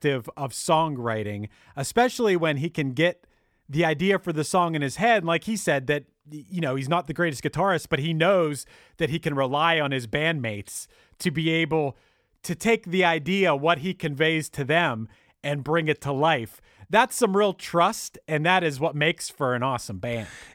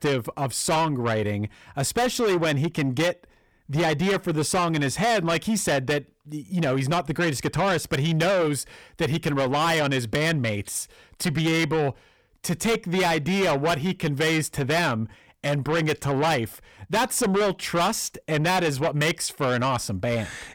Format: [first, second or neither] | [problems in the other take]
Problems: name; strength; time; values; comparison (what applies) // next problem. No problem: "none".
first | distortion; heavy; 6 dB below the speech